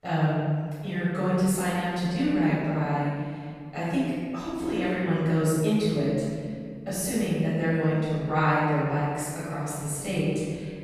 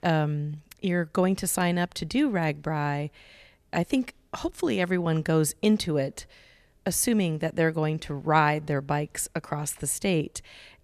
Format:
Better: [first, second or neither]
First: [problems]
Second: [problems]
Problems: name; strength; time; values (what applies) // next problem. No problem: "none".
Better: second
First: off-mic speech; far // room echo; strong; dies away in 2.1 s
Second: none